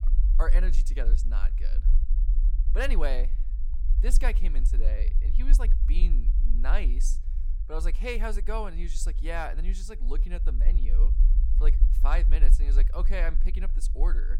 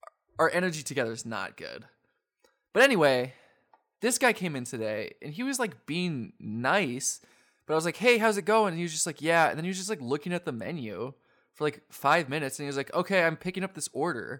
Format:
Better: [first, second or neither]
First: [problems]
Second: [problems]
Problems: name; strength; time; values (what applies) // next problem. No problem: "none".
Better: second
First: low rumble; noticeable; throughout; 15 dB below the speech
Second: none